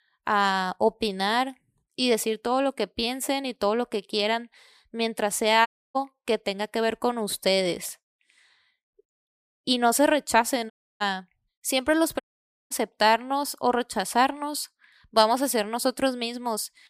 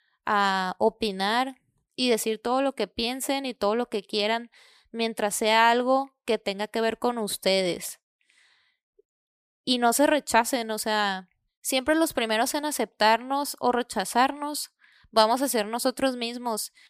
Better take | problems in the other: second | audio cutting out; at 5.5 s, at 11 s and at 12 s for 0.5 s

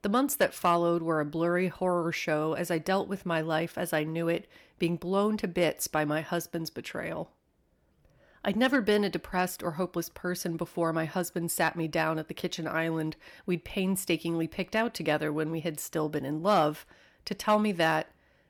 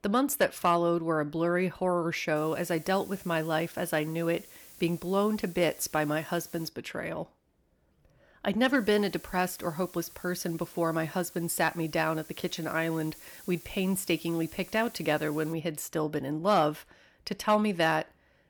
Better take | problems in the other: first | hiss; noticeable; from 2.5 to 6.5 s and from 9 to 16 s; 20 dB below the speech

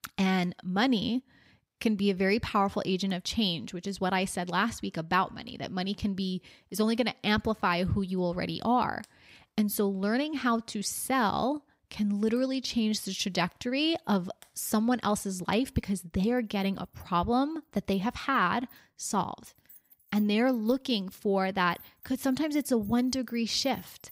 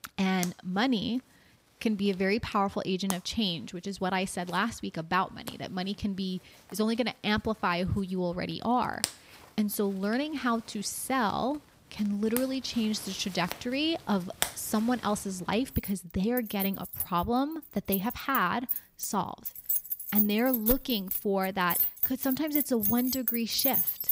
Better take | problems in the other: first | household noises; loud; throughout; 1 dB below the speech; faint in the first

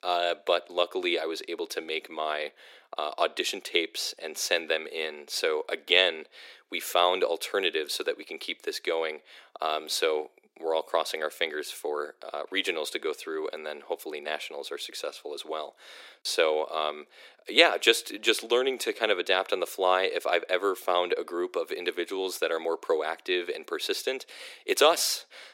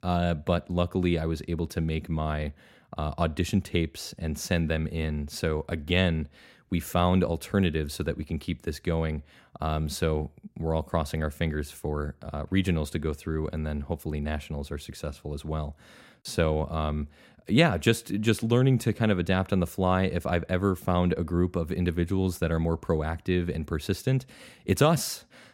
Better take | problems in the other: second | thin; very; fading below 350 Hz

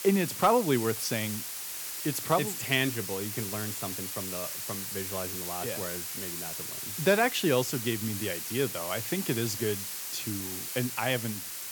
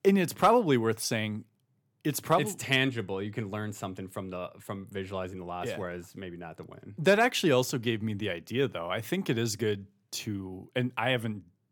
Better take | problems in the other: second | hiss; loud; throughout; 4 dB below the speech

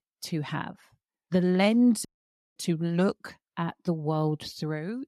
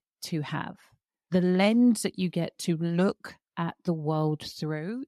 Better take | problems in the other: second | audio cutting out; at 2 s for 0.5 s

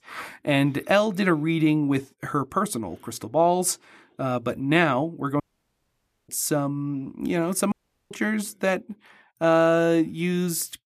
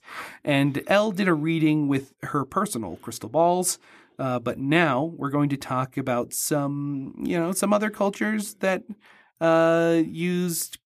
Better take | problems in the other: second | audio cutting out; at 5.5 s for 1 s and at 7.5 s

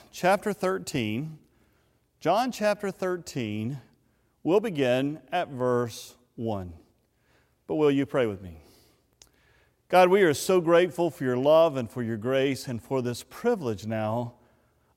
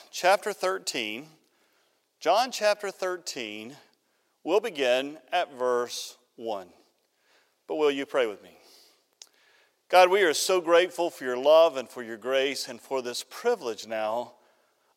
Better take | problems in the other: first | thin; somewhat; fading below 500 Hz

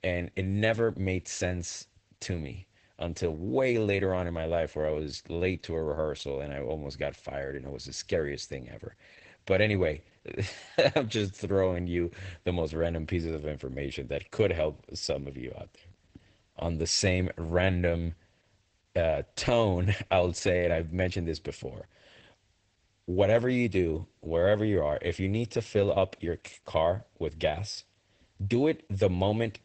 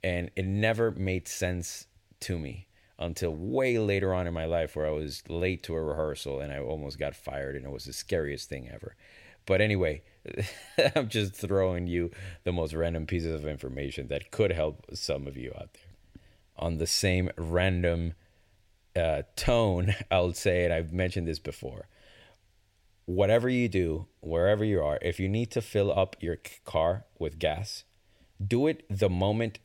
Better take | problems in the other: second | garbled, watery; badly; nothing above 8 kHz

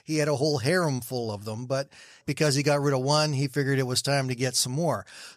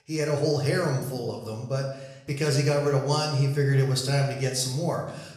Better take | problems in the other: first | room echo; slight; dies away in 0.7 s // off-mic speech; somewhat distant

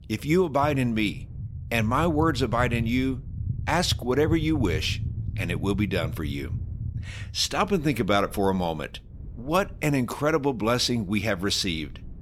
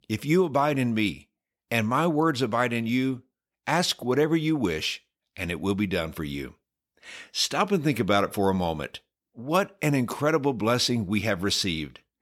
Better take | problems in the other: second | low rumble; faint; throughout; 20 dB below the speech

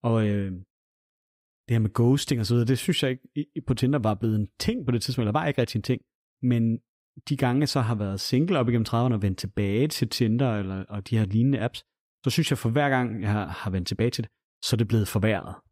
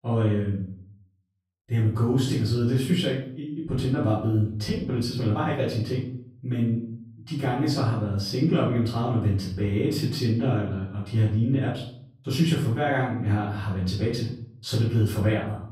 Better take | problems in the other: first | off-mic speech; far // room echo; noticeable; dies away in 0.5 s

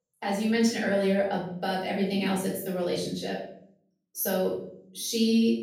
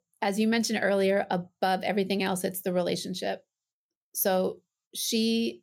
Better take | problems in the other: second | off-mic speech; far // room echo; noticeable; dies away in 0.6 s

